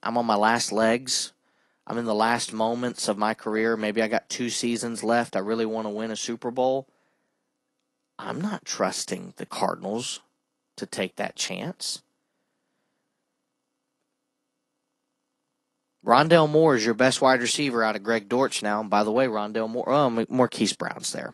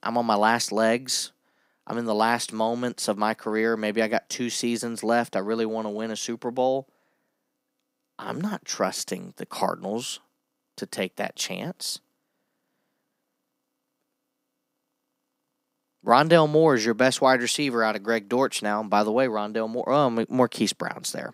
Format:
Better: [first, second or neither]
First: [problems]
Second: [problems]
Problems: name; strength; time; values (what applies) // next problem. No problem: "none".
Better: second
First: garbled, watery; slightly; nothing above 11 kHz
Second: none